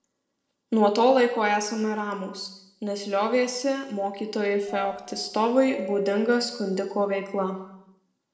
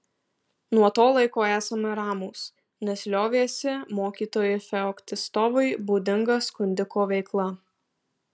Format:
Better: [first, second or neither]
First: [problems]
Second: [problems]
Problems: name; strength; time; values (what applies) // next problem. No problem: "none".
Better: second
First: noise reduction (neural separator model SepFormer DNS4)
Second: none